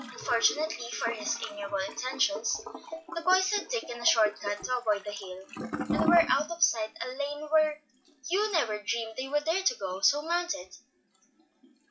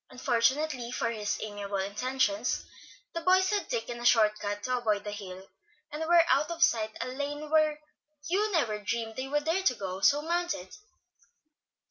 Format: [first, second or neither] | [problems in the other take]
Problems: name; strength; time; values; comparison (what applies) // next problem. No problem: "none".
second | noise reduction (classical method log-MMSE)